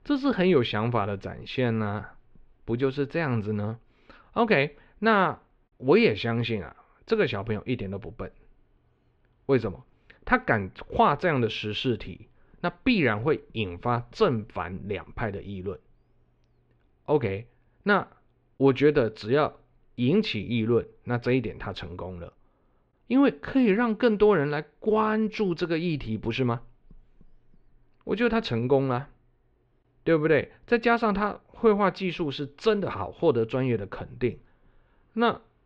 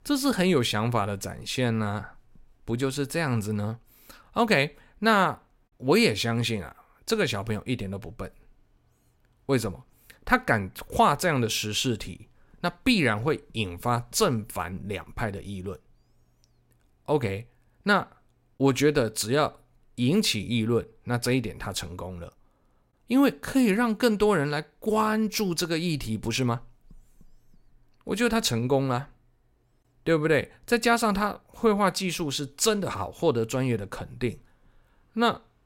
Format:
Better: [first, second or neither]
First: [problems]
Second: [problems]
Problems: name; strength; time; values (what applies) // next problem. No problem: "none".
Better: second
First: muffled; slightly; fading above 3.5 kHz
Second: none